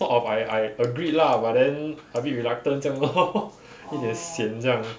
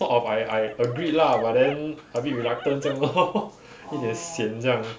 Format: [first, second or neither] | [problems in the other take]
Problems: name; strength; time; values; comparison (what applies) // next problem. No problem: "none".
first | background sound (Dog); 16 dB below the speech